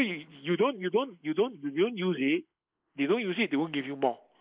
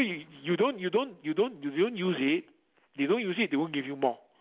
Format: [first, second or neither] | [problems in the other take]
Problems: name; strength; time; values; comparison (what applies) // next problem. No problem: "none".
second | noise reduction (neural mask model Resemble Enhance denoiser)